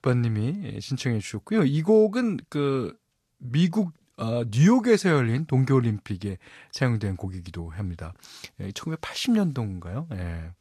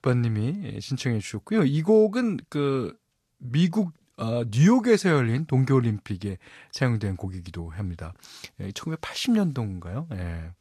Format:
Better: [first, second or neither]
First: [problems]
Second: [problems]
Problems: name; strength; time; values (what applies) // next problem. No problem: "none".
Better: neither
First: garbled, watery; slightly; nothing above 13 kHz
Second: garbled, watery; slightly; nothing above 13 kHz